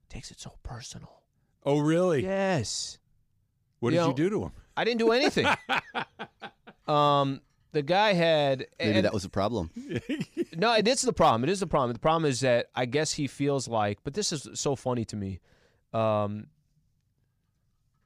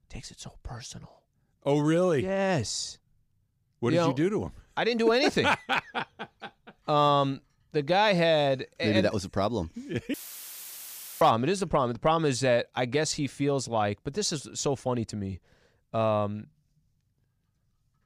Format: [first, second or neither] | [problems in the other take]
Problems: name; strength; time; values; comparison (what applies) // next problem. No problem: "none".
first | audio cutting out; filled with static; at 10 s for 1 s